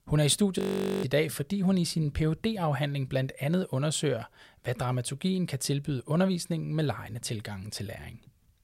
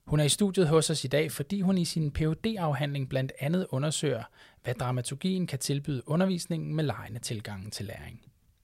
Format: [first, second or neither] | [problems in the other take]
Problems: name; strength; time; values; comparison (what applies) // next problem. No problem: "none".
second | audio freezing; at 0.5 s